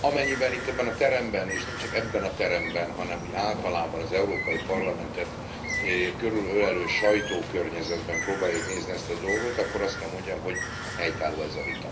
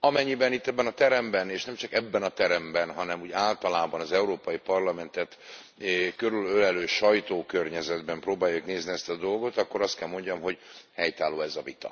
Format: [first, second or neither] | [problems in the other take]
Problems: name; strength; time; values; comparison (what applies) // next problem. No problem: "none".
second | background sound (Bird); 5 dB below the speech // room echo; dies away in 0.3 s